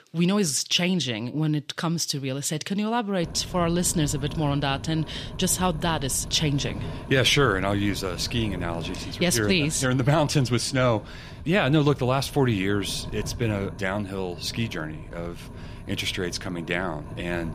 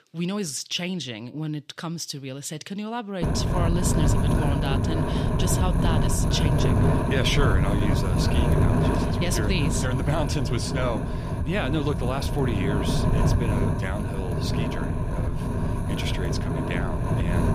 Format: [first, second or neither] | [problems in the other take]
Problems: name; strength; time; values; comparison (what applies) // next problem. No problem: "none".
first | wind noise on the microphone; heavy; from 3 s on; as loud as the speech; occasional gusts in the first